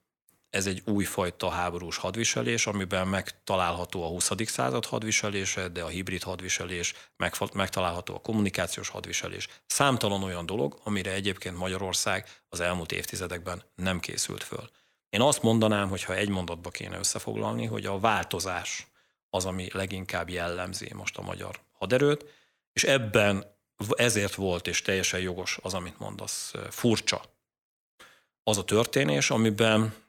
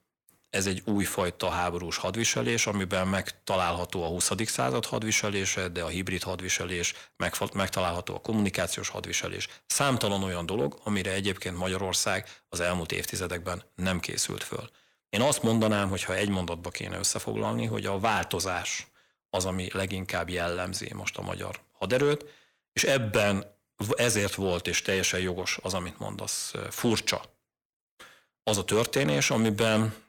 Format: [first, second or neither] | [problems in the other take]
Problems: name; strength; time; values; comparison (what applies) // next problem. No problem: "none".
first | distortion; slight; 10 dB below the speech